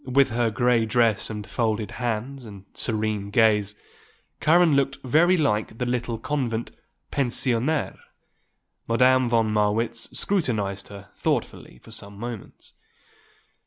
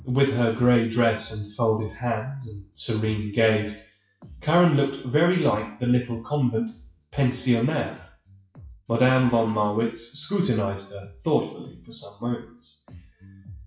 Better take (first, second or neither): first